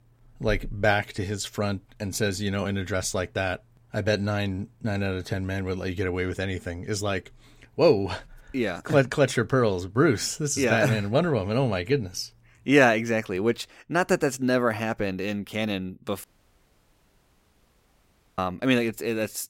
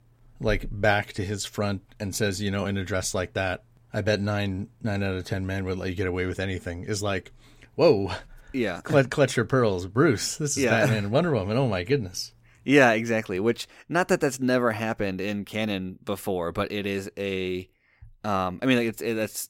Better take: second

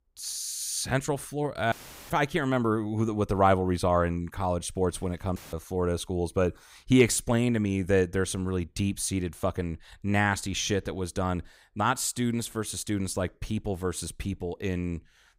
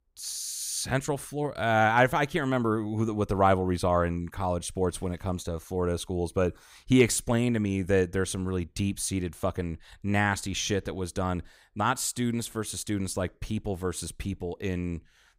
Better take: second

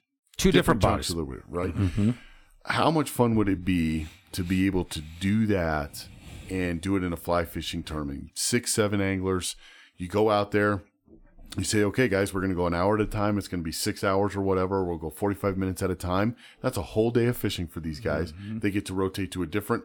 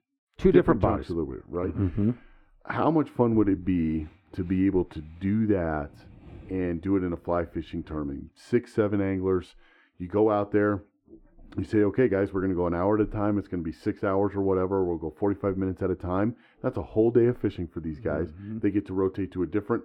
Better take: first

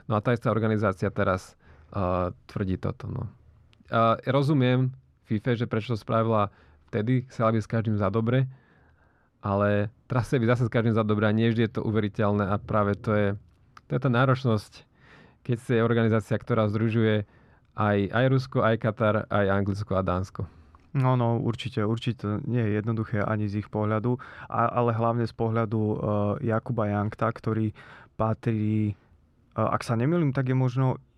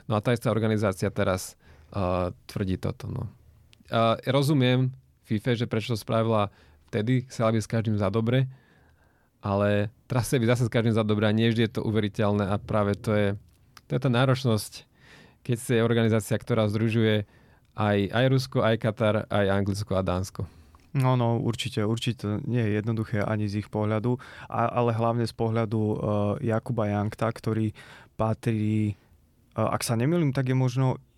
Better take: second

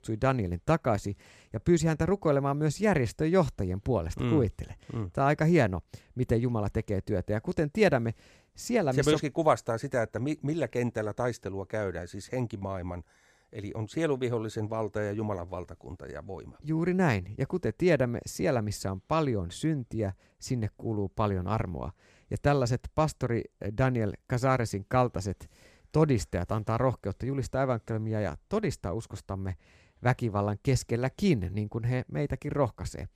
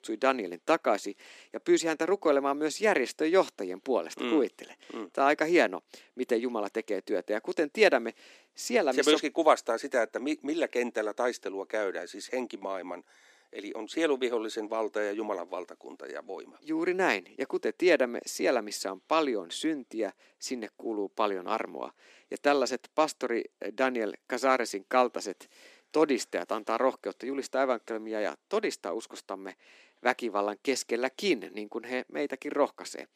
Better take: first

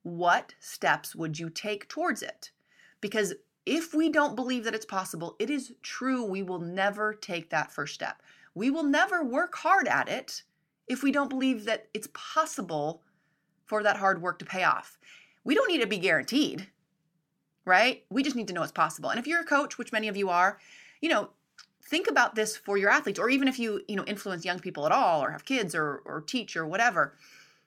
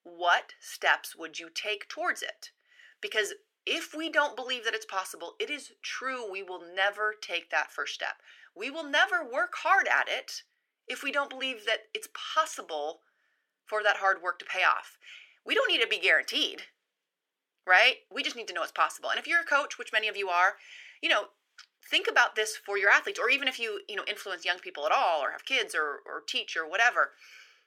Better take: first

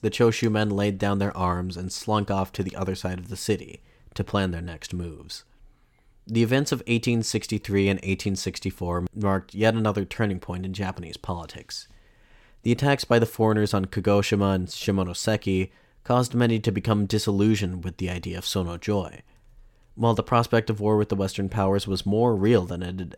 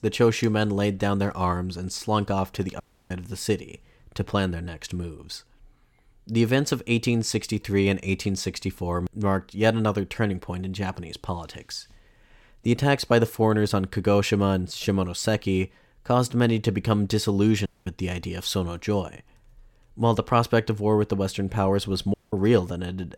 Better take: first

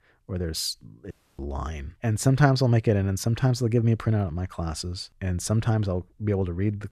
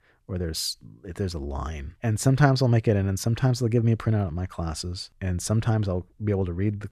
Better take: second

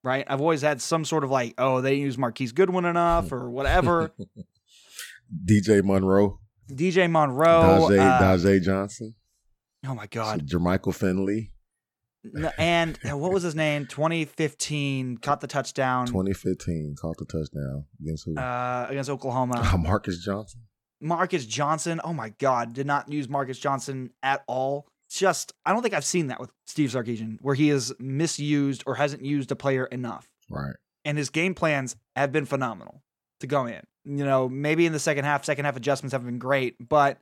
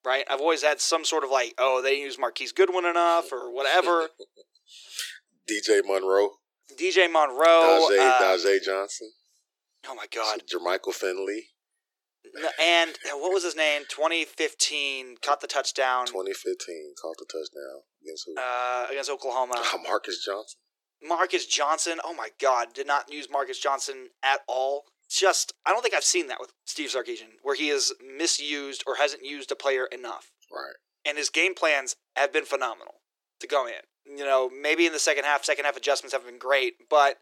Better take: first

